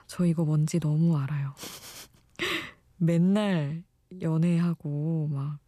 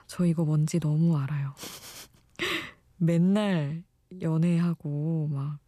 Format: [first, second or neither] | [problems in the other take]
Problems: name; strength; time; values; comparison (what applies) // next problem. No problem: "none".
neither | none